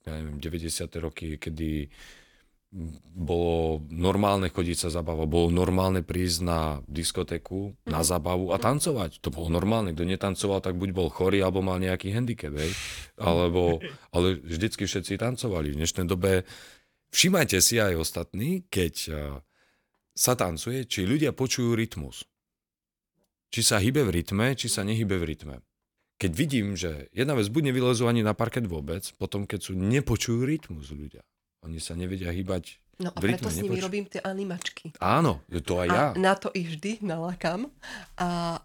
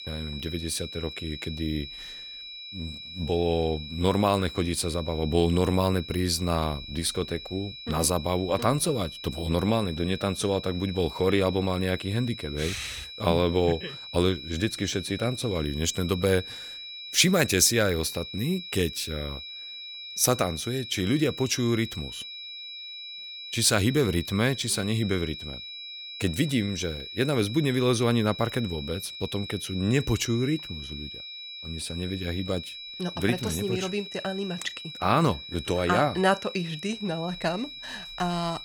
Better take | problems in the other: first | high-pitched whine; noticeable; throughout; 4 kHz, 10 dB below the speech

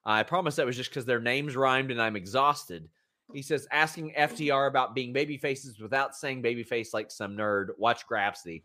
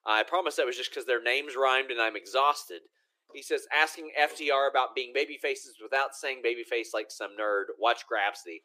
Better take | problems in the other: first | thin; very; fading below 350 Hz

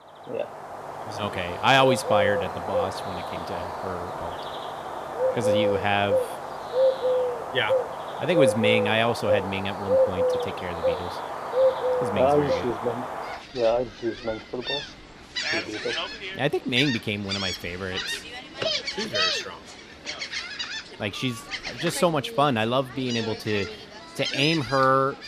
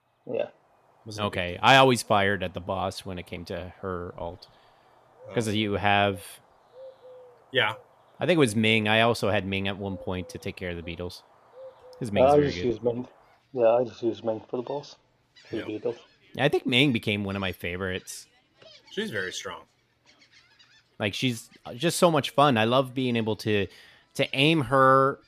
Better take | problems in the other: second | animal sounds; loud; throughout; 2 dB below the speech; faint in the second

